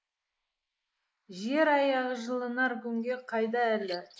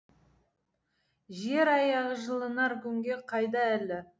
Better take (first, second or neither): second